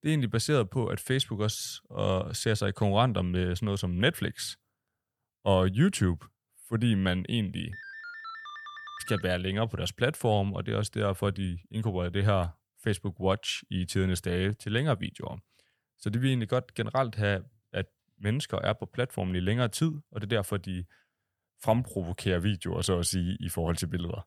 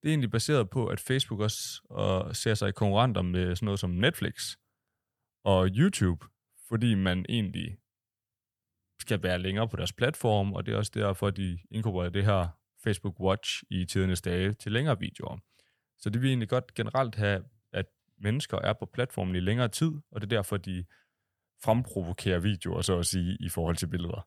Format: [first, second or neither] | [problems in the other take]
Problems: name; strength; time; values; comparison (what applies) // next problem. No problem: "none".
second | phone ringing; faint; from 7.5 to 9 s; peak 10 dB below the speech